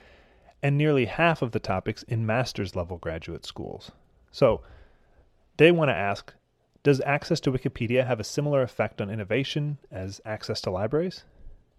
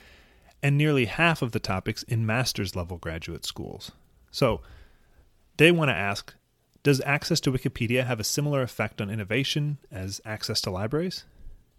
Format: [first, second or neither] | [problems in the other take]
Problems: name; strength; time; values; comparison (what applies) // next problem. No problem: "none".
second | muffled; slightly; fading above 1.5 kHz